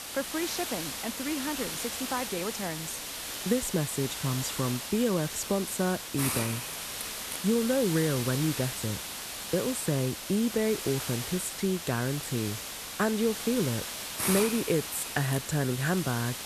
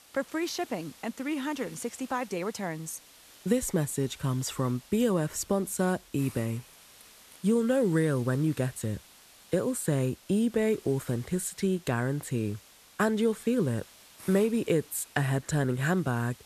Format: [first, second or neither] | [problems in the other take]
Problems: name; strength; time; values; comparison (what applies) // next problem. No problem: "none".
second | hiss; loud; throughout; 4 dB below the speech; faint in the second